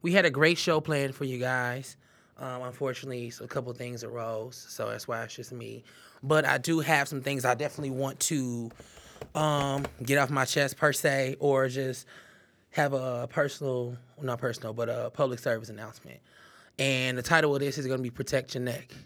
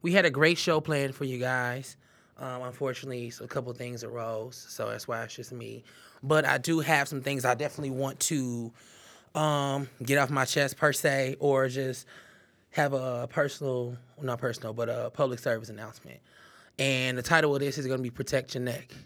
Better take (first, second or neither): second